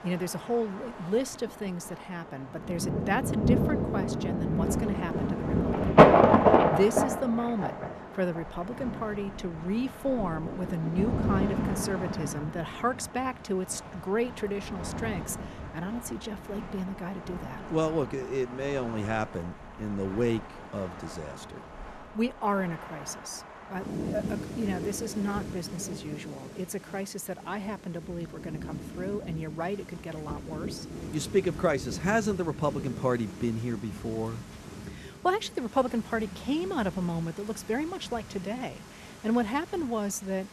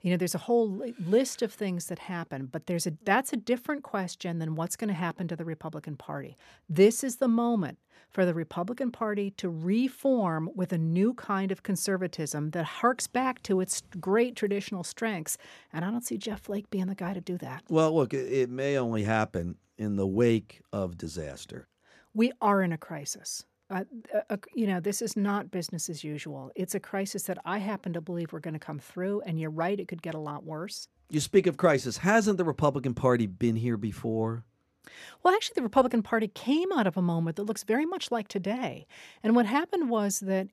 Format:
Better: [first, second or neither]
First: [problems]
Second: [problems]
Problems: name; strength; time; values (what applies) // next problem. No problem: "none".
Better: second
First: rain or running water; very loud; throughout; 3 dB above the speech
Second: none